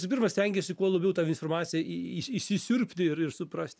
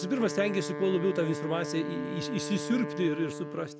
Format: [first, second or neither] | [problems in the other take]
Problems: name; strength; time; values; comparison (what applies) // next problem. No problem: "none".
first | background sound (Wind instrument, woodwind instrument); 6 dB below the speech